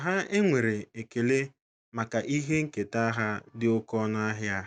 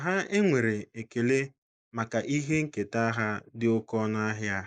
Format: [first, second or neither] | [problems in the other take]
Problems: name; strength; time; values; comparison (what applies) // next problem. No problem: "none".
first | noise reduction (neural mask model Resemble Enhance denoiser)